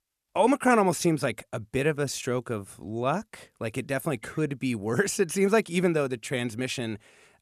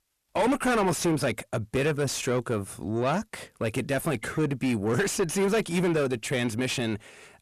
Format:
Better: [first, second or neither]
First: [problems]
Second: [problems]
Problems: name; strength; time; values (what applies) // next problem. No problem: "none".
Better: first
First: none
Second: distortion; heavy; 6 dB below the speech